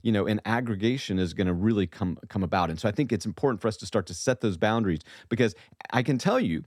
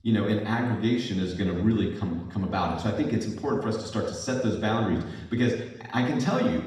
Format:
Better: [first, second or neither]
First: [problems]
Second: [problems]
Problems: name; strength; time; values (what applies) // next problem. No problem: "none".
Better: first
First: none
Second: room echo; noticeable; dies away in 0.9 s // off-mic speech; far